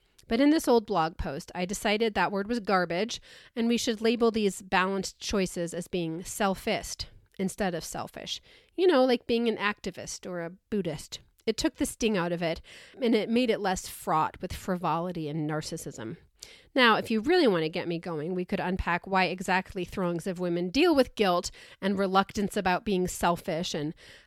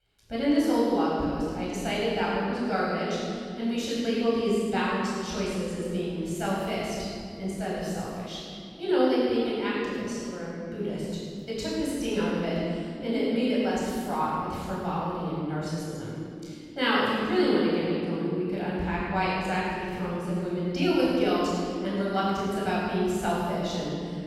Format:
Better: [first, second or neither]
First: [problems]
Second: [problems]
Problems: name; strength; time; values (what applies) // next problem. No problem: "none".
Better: first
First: none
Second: off-mic speech; far // room echo; strong; dies away in 2.5 s